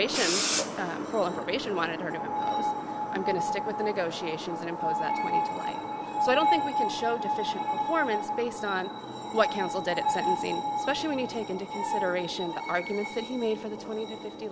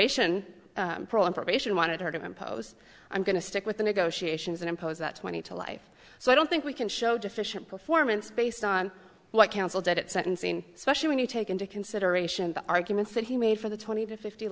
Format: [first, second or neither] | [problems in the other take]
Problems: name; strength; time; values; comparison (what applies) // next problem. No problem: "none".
second | background sound (Screech); 1 dB above the speech